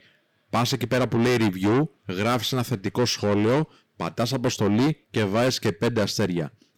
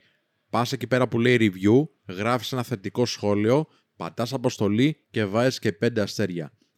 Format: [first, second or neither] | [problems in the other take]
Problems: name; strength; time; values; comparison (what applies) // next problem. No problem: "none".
second | distortion; heavy; 6 dB below the speech